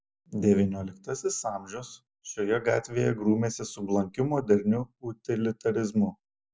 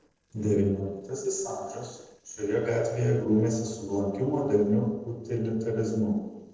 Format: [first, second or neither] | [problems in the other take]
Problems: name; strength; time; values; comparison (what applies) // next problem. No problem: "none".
first | noise reduction (neural separator model SepFormer DNS4)